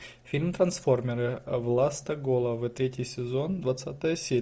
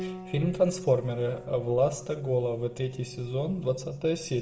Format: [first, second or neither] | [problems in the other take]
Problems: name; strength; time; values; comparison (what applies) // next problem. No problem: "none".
first | background sound (Piano); 15 dB below the speech // room echo; dies away in 1 s